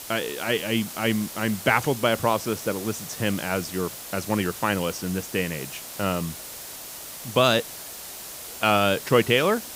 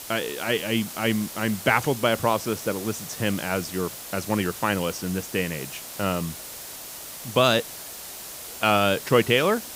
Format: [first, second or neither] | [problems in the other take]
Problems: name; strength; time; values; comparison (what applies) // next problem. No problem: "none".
neither | hiss; noticeable; throughout; 10 dB below the speech; the same in both